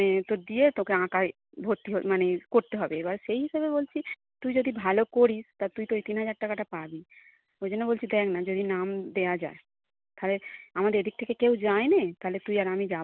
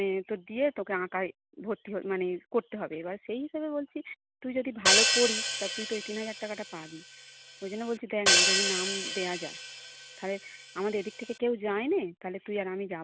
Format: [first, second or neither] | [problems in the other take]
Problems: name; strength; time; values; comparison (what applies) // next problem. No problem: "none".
first | background sound (Hi-hat); 4 dB above the speech